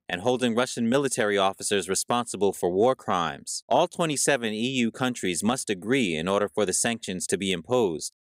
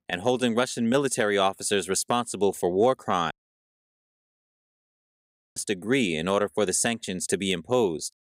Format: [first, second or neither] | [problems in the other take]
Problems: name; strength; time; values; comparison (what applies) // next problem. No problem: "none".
first | audio cutting out; at 3.5 s for 2 s